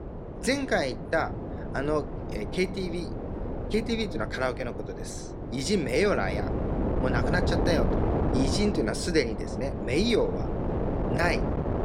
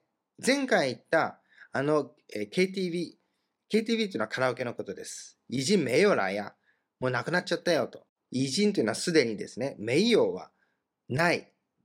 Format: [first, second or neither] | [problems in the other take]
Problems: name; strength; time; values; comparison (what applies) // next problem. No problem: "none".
second | wind noise on the microphone; heavy; 6 dB below the speech